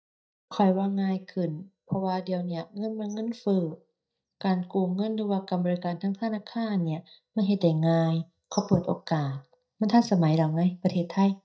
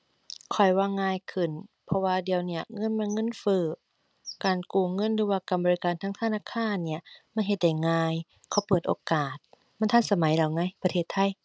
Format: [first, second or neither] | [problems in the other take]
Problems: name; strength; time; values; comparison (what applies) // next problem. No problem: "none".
second | noise reduction (neural mask model DeepFilterNet 3)